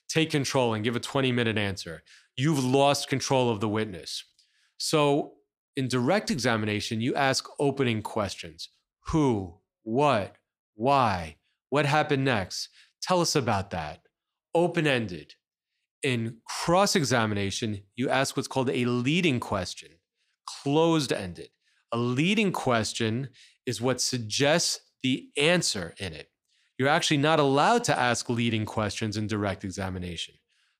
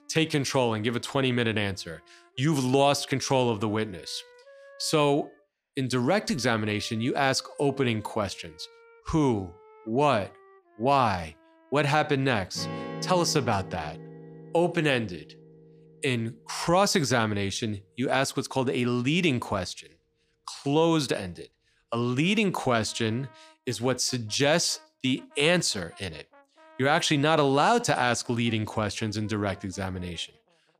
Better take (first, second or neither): first